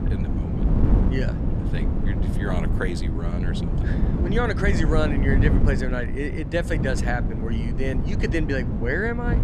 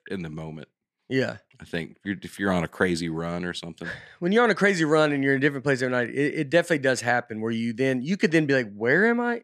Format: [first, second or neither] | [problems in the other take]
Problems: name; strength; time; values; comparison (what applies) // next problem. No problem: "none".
second | wind noise on the microphone; heavy; 6 dB below the speech